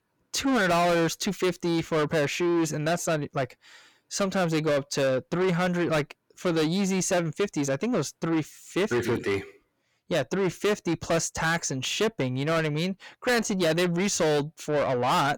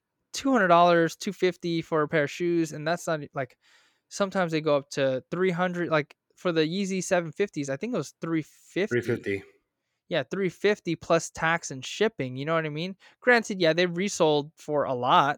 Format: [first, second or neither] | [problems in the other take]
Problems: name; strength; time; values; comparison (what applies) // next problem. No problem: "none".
second | distortion; heavy; 6 dB below the speech